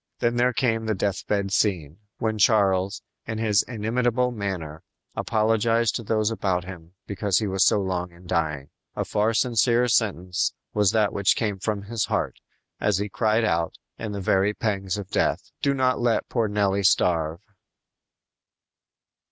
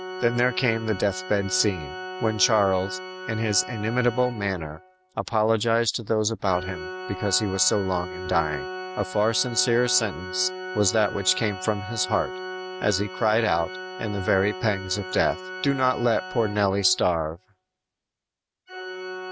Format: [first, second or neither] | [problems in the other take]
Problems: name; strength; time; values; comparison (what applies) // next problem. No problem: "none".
first | background sound (Organ); 11 dB below the speech